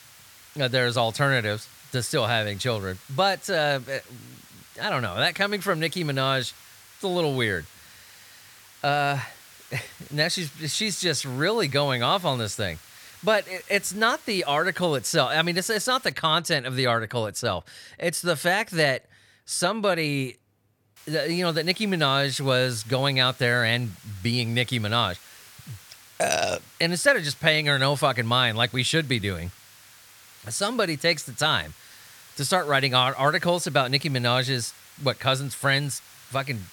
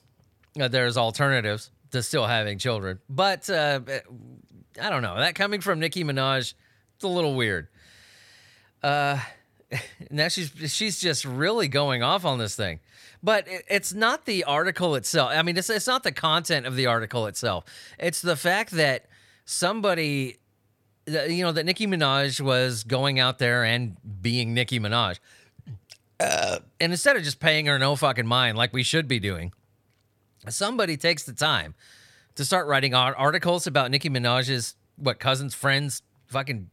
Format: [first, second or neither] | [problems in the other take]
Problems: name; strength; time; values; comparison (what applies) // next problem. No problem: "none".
second | hiss; faint; until 16 s and from 21 s on; 25 dB below the speech